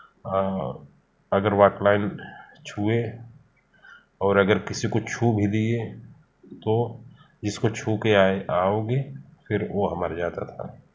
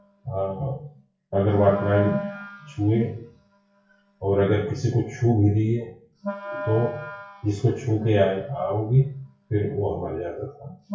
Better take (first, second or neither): first